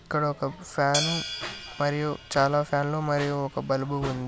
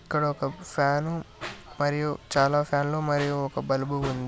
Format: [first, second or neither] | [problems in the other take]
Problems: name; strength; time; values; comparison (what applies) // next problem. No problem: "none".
second | background sound (Hi-hat); 10 dB below the speech